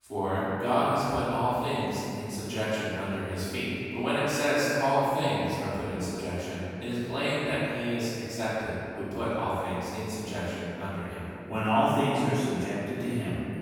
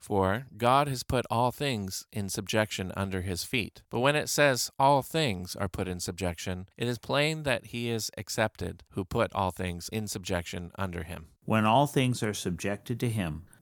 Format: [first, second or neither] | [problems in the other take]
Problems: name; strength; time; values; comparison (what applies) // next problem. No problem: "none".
second | off-mic speech; far // room echo; strong; dies away in 2.4 s